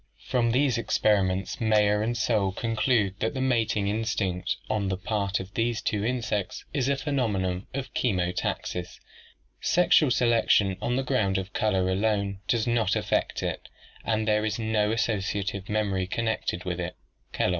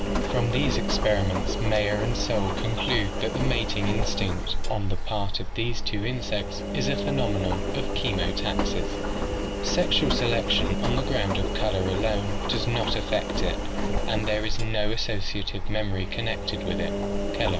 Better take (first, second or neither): first